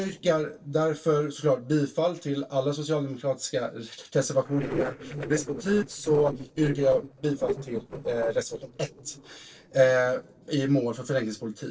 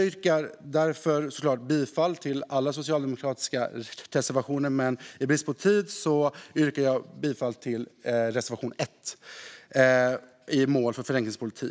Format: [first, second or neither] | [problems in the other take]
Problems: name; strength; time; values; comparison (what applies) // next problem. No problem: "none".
second | noise reduction (neural separator model SepFormer DNS4)